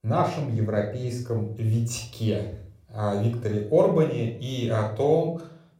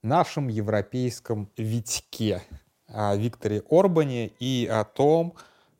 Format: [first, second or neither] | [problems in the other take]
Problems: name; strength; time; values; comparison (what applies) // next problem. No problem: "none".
second | room echo; slight; dies away in 0.5 s // off-mic speech; somewhat distant